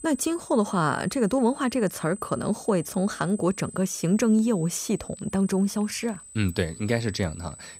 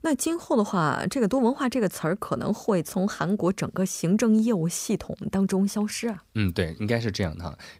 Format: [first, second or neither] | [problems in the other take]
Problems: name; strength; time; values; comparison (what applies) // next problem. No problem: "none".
second | high-pitched whine; noticeable; throughout; 8 kHz, 15 dB below the speech